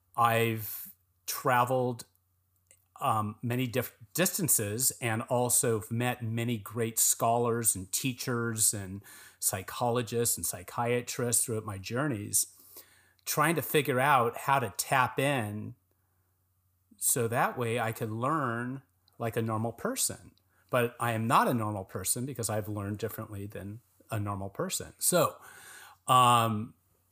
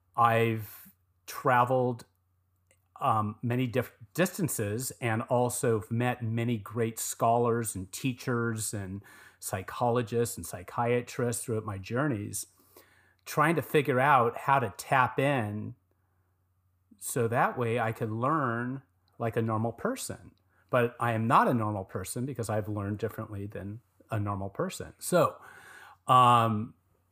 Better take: first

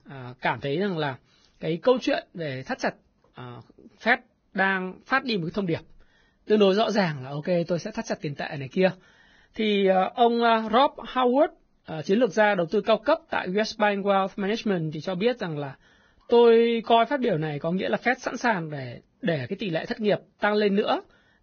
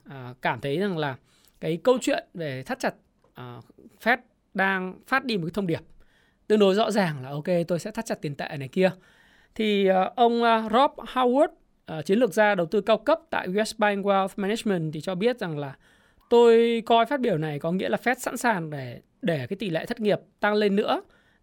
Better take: second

